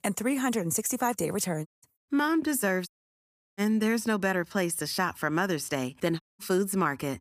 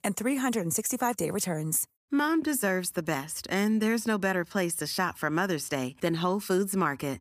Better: second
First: audio cutting out; at 1.5 s, at 3 s for 0.5 s and at 6 s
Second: none

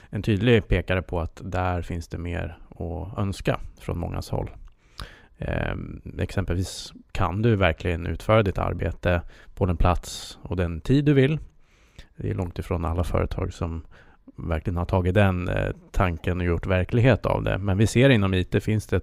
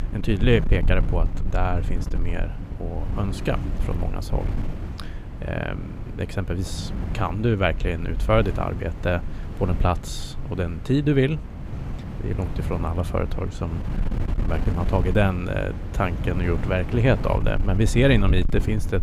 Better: first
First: none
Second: wind noise on the microphone; occasional gusts; 15 dB below the speech

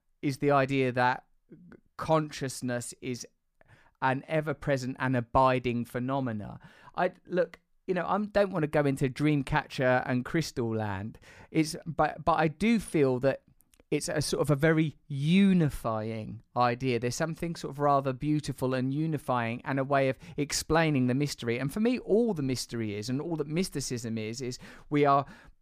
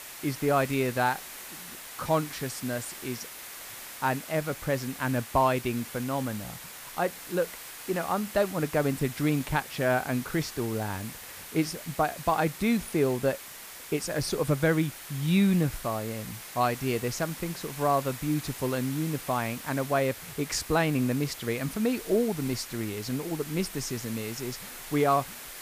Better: first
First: none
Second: hiss; noticeable; throughout; 10 dB below the speech

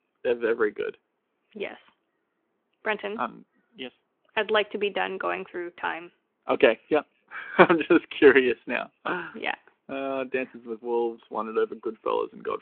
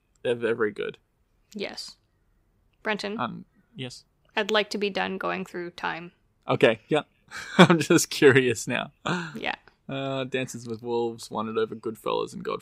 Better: second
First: phone-call audio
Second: none

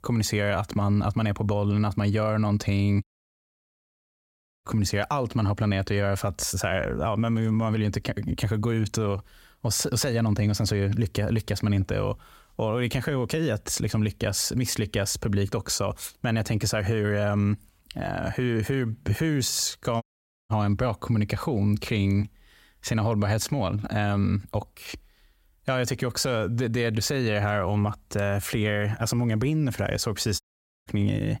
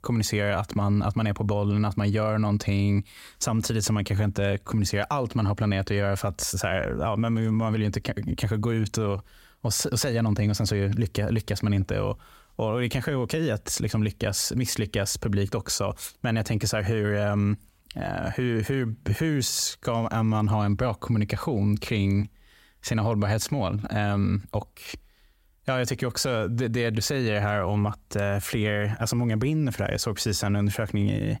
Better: second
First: audio cutting out; at 3 s for 1.5 s, at 20 s and at 30 s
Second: none

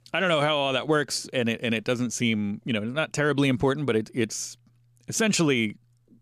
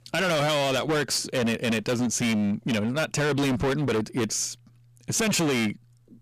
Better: first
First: none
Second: distortion; heavy; 26% of the sound clipped

